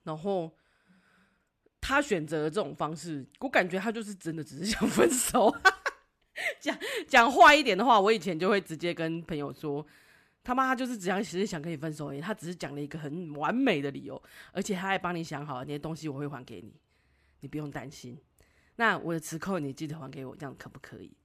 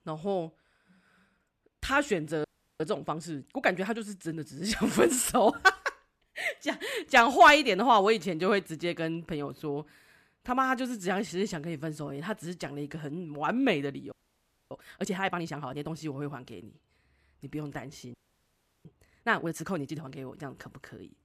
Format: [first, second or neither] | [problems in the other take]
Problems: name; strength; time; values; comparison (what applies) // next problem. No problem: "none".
first | audio freezing; at 2.5 s, at 14 s for 0.5 s and at 18 s for 0.5 s